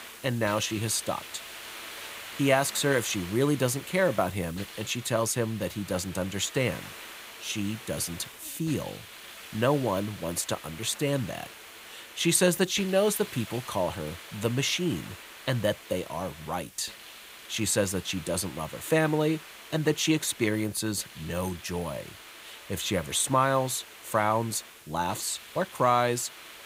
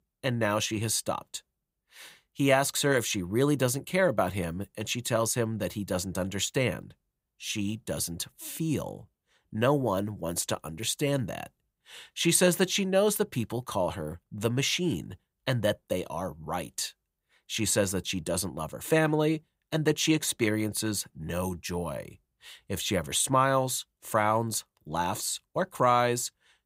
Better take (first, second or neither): second